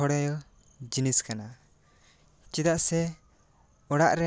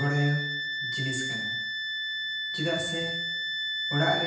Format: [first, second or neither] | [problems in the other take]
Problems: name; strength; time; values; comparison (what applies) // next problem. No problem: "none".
first | background sound (Wind instrument, woodwind instrument); as loud as the speech // room echo; dies away in 0.9 s